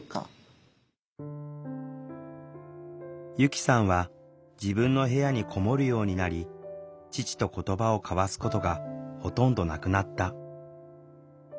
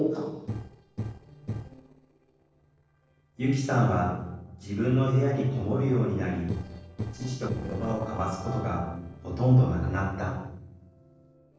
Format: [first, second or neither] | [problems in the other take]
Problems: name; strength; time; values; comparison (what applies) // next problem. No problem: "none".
first | noise reduction (neural separator model SepFormer DNS4)